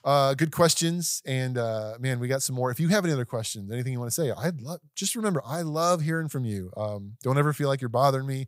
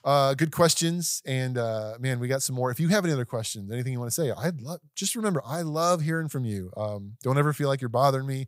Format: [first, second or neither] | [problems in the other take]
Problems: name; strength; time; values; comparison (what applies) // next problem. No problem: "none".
neither | none